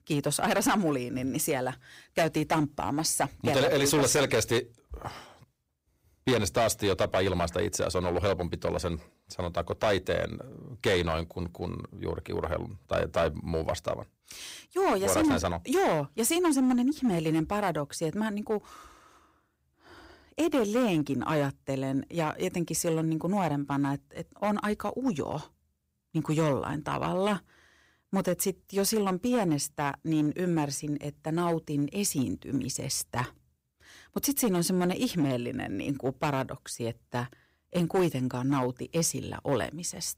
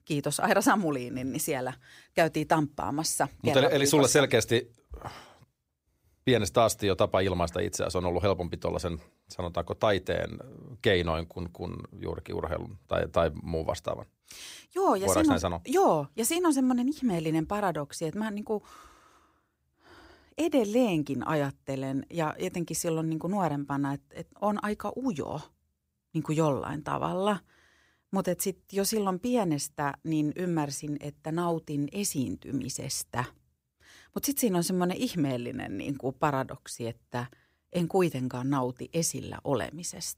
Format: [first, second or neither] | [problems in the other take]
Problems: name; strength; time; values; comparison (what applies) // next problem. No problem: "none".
second | distortion; slight; 5% of the sound clipped